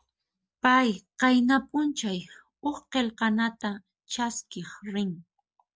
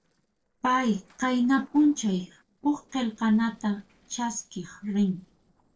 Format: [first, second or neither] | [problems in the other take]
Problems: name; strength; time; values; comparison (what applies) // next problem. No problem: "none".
first | noise reduction (neural separator model SepFormer DNS4)